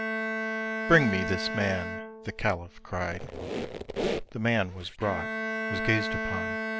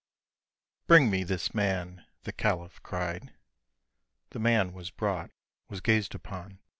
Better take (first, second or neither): second